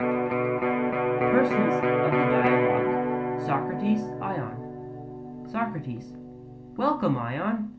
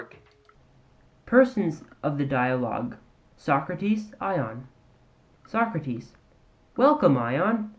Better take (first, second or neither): second